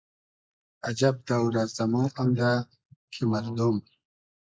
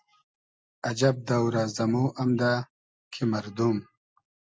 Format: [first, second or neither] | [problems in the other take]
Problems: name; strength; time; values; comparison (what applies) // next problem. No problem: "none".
second | noise reduction (neural mask model Resemble Enhance denoiser)